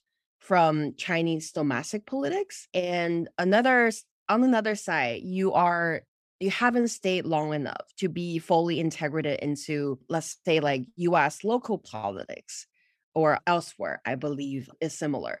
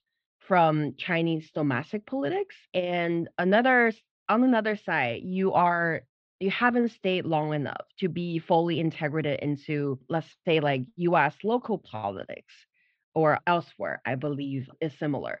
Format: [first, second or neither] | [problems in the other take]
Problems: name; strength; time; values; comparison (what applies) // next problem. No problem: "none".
first | muffled; slightly; fading above 4 kHz